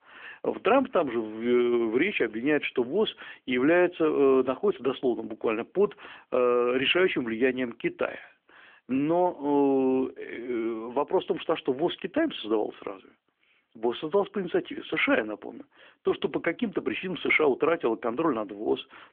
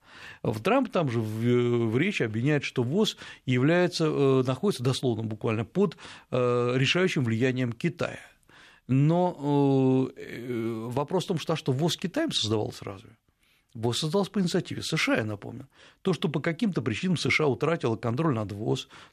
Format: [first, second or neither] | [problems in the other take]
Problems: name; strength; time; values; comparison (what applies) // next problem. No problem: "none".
second | phone-call audio; nothing above 3.5 kHz